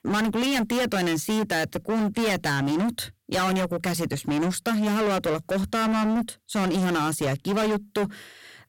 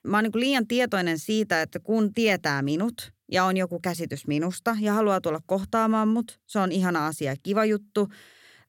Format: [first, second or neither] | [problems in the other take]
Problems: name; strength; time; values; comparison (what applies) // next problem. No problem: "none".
second | distortion; heavy; 33% of the sound clipped